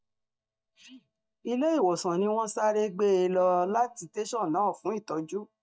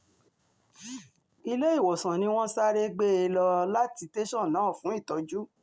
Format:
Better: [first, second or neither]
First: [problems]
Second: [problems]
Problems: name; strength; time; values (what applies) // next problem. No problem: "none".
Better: second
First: noise reduction (neural mask model DeepFilterNet 3)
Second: none